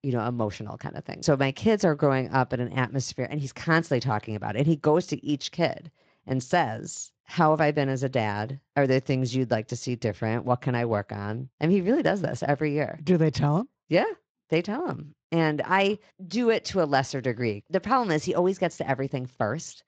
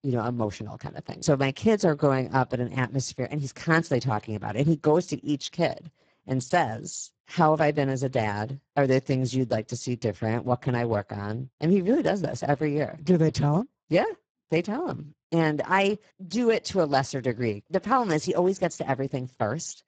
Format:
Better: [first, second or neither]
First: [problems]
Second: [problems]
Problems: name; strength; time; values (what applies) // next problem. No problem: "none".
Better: first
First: garbled, watery; slightly; nothing above 7.5 kHz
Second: garbled, watery; badly; nothing above 7.5 kHz